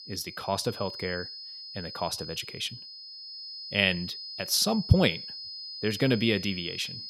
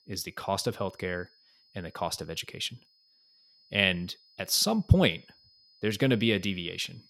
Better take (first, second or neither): second